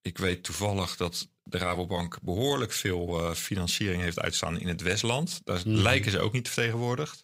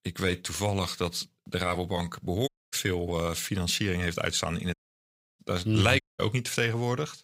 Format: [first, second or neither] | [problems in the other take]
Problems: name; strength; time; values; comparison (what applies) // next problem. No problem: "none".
first | audio cutting out; at 2.5 s, at 4.5 s for 0.5 s and at 6 s